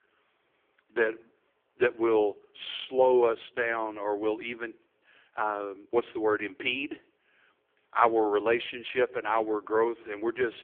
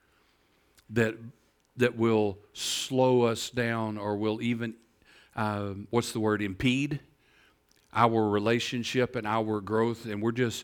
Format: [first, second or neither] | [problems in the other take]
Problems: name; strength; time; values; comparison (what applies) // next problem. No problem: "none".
second | phone-call audio; poor line; nothing above 3.5 kHz